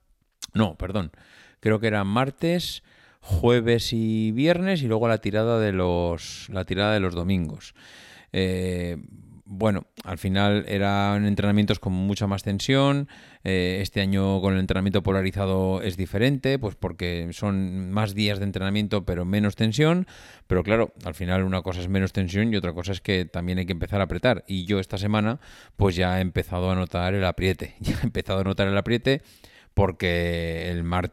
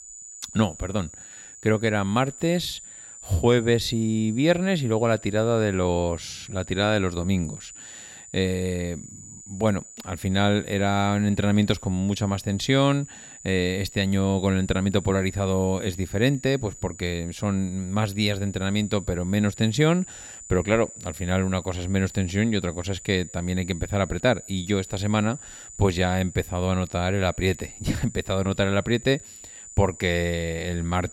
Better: first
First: none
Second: high-pitched whine; noticeable; throughout; 7 kHz, 15 dB below the speech

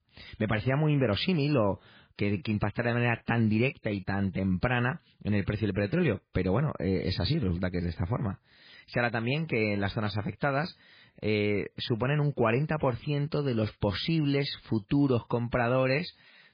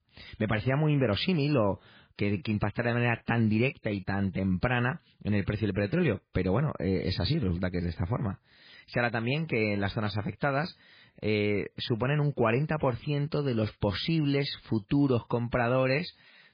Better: neither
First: garbled, watery; badly; nothing above 4 kHz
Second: garbled, watery; badly; nothing above 4 kHz

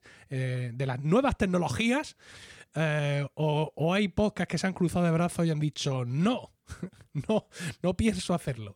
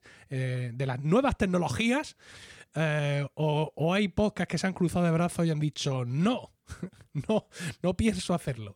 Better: neither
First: none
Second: none

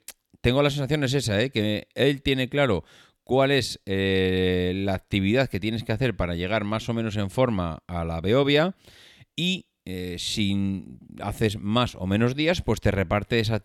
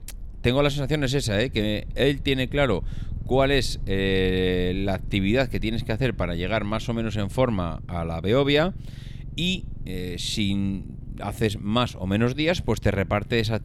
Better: first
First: none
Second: low rumble; faint; throughout; 25 dB below the speech

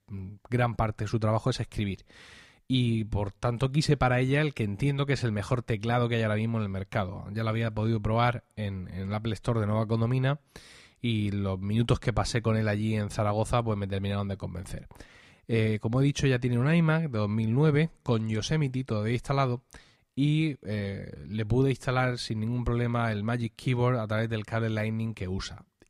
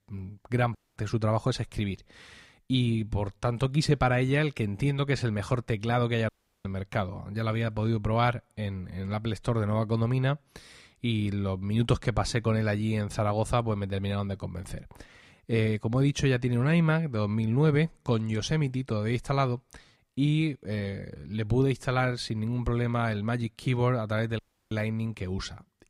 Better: first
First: none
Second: audio cutting out; at 1 s, at 6.5 s and at 24 s

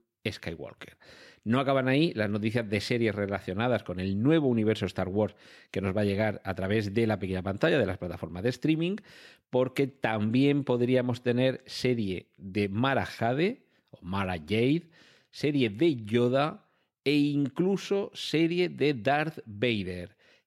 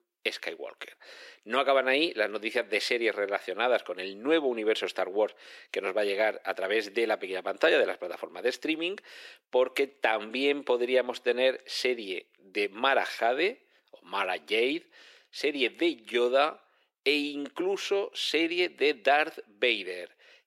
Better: first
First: none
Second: thin; very; fading below 400 Hz

